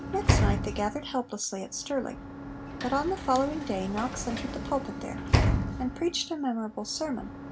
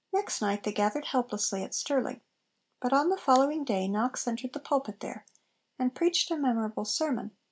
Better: second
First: background sound (Sliding door / Slam); 1 dB above the speech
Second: none

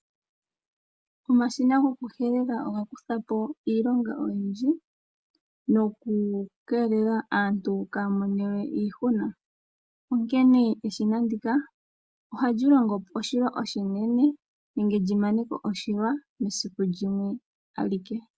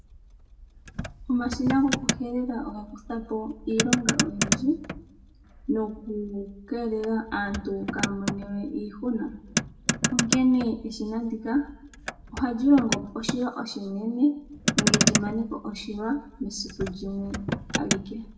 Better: first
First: none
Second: background sound (Motor vehicle (road)); 3 dB below the speech // room echo; dies away in 0.6 s

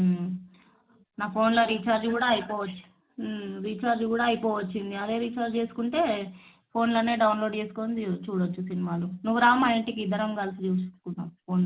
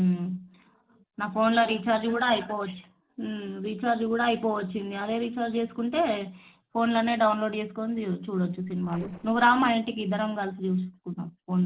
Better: first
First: none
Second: noise reduction (neural separator model SepFormer DNS4)

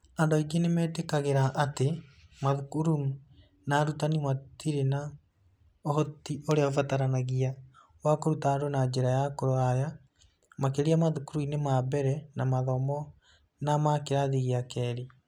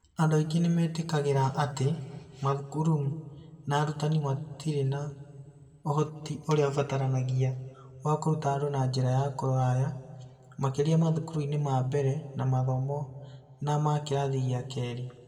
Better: first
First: none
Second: room echo; dies away in 1.5 s

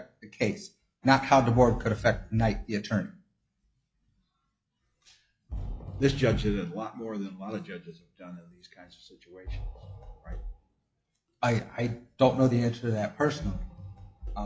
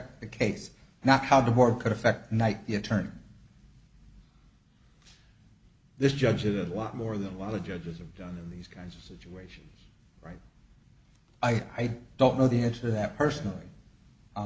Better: second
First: noise reduction (classical method log-MMSE)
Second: none

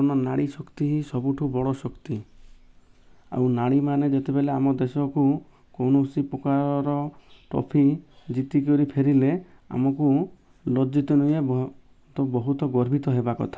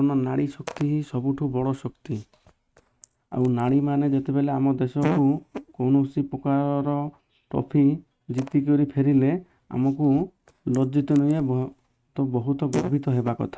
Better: first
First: none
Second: noise reduction (neural mask model RNNoise)

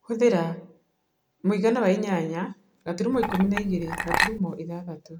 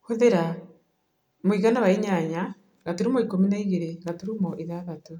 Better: second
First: background sound (Chink, clink); 2 dB below the speech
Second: none

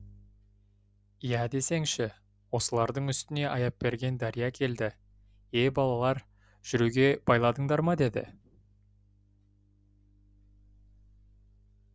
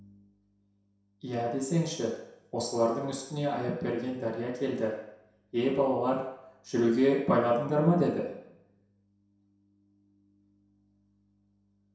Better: first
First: none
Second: room echo; dies away in 0.7 s

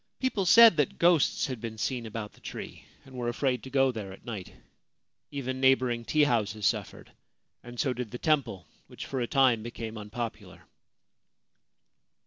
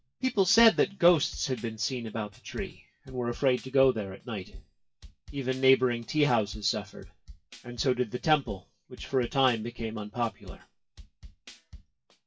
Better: first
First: none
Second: noise reduction (classical method WPE with log-MMSE)

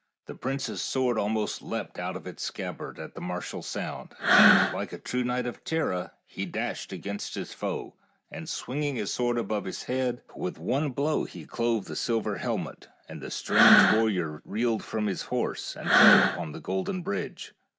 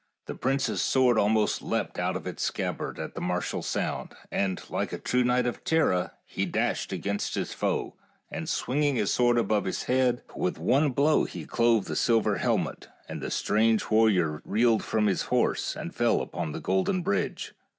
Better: second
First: background sound (Breathing); 4 dB above the speech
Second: none

